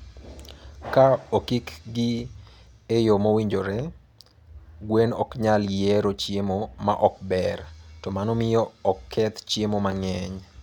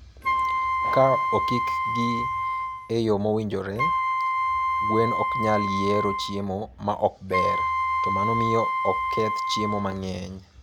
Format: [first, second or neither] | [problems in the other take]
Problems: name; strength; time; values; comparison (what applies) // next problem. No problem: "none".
first | background sound (Wind instrument, woodwind instrument); 1 dB above the speech